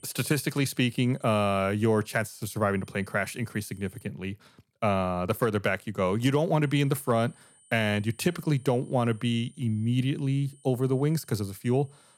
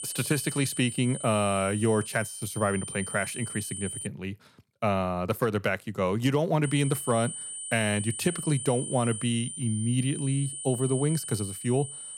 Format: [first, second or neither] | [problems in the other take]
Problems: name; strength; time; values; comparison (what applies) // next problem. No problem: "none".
first | high-pitched whine; loud; until 4 s and from 6.5 s on; 9 kHz, 7 dB below the speech; faint in the first